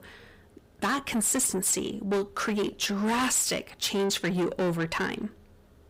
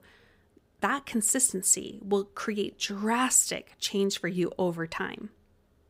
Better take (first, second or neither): second